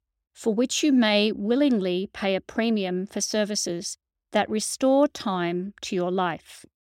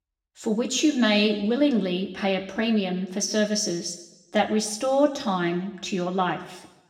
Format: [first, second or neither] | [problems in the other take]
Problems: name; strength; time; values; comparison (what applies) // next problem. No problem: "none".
first | room echo; slight; dies away in 0.9 s // off-mic speech; somewhat distant